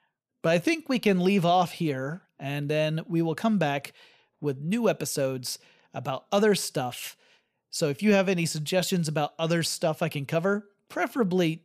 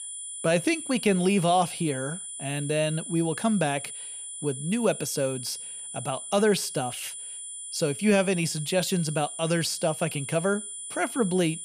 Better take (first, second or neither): first